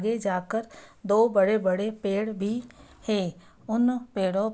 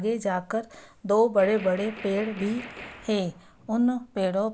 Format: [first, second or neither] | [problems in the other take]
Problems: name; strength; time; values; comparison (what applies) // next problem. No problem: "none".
first | background sound (Gunshot, gunfire); 16 dB below the speech